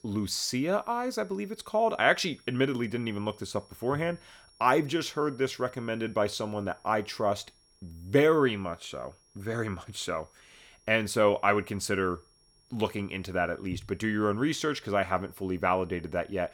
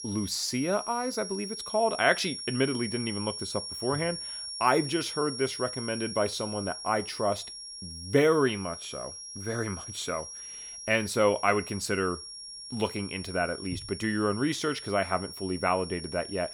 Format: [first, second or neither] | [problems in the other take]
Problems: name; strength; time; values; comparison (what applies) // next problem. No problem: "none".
first | high-pitched whine; loud; throughout; 5.5 kHz, 8 dB below the speech; faint in the first